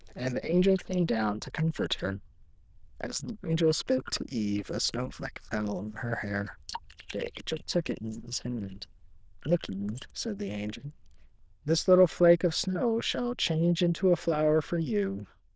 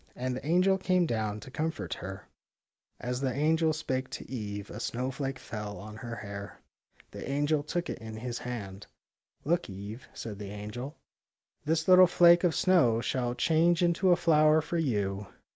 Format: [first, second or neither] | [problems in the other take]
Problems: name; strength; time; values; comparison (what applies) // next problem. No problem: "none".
second | noise reduction (neural diffusion model UNIVERSE++)